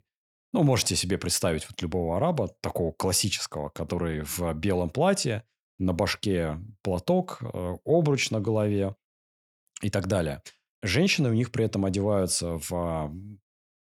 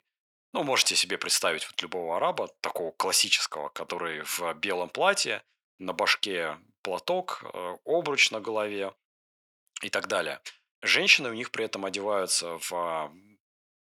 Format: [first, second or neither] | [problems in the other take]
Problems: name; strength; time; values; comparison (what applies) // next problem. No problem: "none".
first | thin; very; fading below 450 Hz